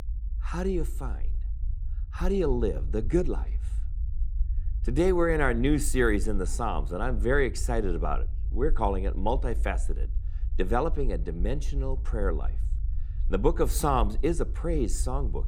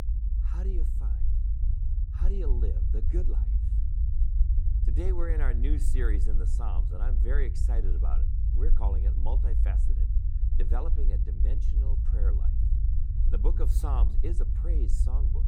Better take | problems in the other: first | low rumble; loud; throughout; 6 dB below the speech; faint in the first

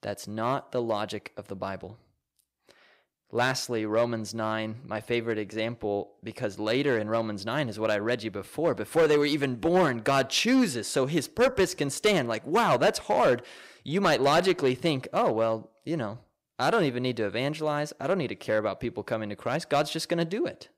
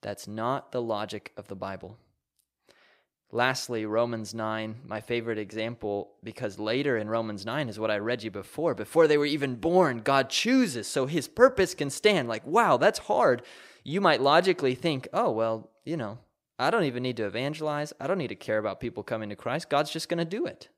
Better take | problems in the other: second | distortion; slight; 3% of the sound clipped

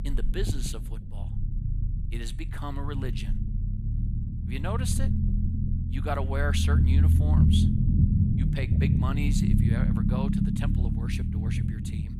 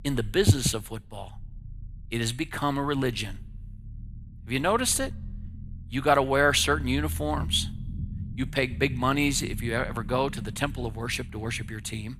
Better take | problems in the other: second | low rumble; loud; throughout; 1 dB below the speech; faint in the second

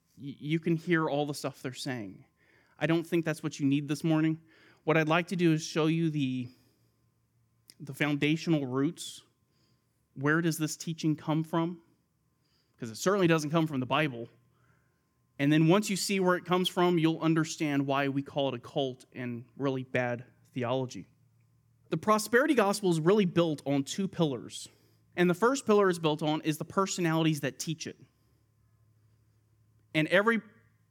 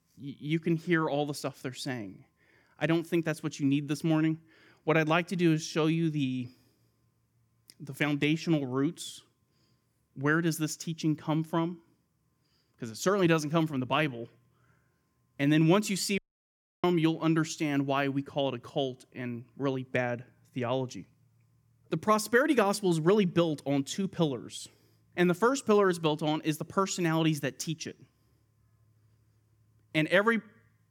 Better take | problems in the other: first | audio cutting out; at 16 s for 0.5 s

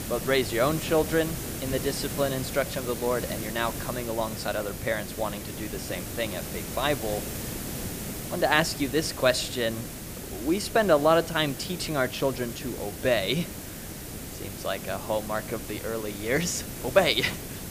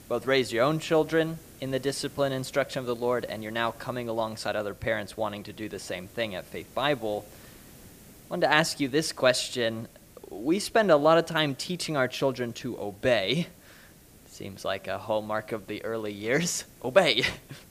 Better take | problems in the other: second | hiss; loud; throughout; 8 dB below the speech; faint in the second

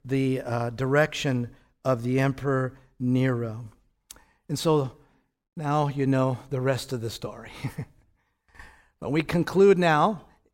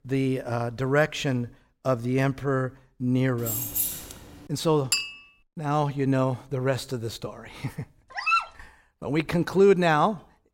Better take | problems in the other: first | jangling keys; loud; at 3.5 s; peak level with the speech // clattering dishes; noticeable; at 5 s; peak level with the speech // dog barking; loud; at 8 s; peak 2 dB above the speech

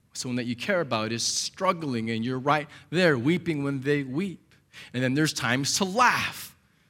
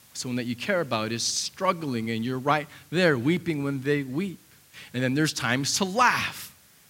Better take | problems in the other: first | hiss; faint; throughout; 30 dB below the speech

